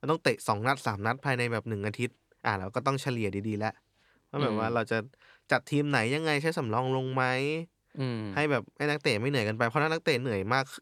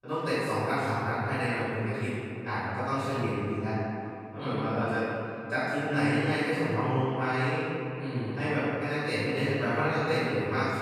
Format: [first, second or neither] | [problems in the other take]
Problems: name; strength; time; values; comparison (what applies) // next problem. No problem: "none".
first | off-mic speech; far // room echo; strong; dies away in 2.5 s